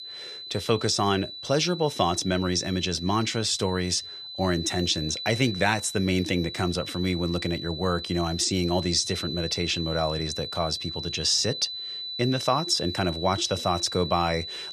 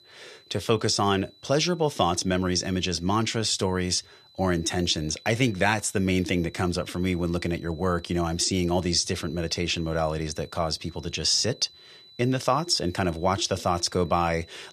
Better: second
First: high-pitched whine; loud; throughout; 4 kHz, 8 dB below the speech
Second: high-pitched whine; faint; throughout; 4 kHz, 25 dB below the speech

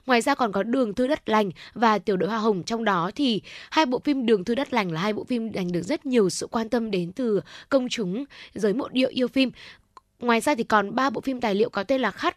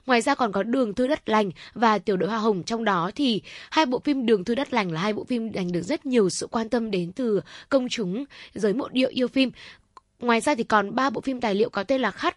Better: first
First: none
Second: garbled, watery; slightly

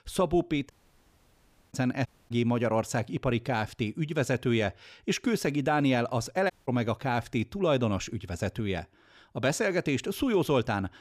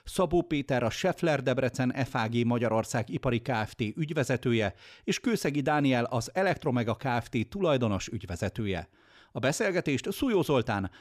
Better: second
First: audio cutting out; at 0.5 s for 1 s, at 2 s and at 6.5 s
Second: none

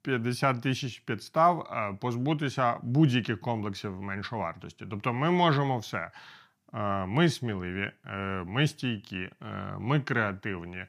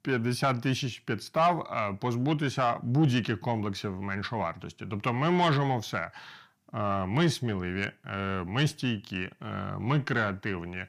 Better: first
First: none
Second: distortion; slight; 10 dB below the speech

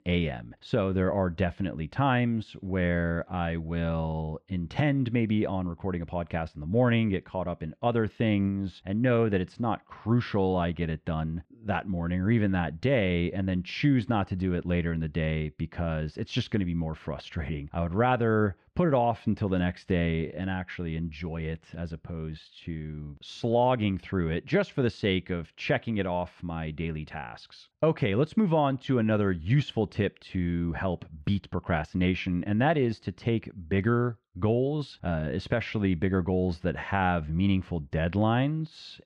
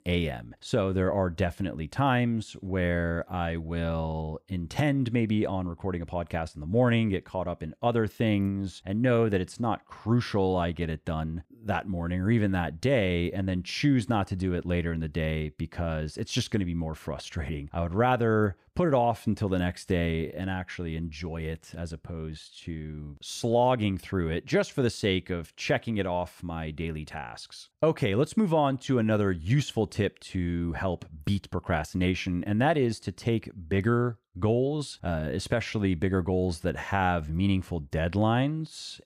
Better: second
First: muffled; very slightly; fading above 3 kHz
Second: none

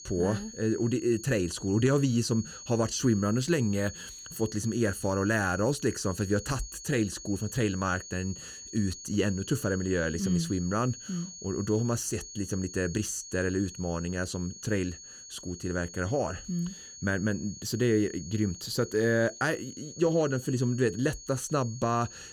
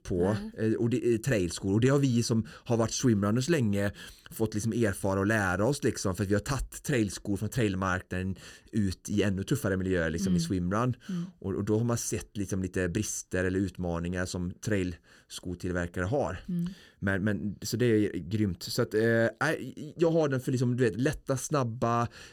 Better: second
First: high-pitched whine; noticeable; throughout; 6.5 kHz, 15 dB below the speech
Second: none

